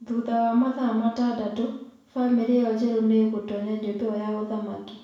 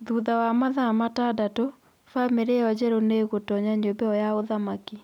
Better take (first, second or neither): second